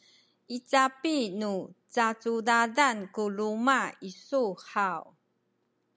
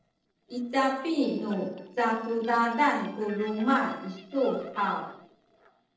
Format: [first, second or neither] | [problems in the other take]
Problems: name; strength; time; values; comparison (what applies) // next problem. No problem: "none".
first | noise reduction (neural separator model SepFormer DNS4)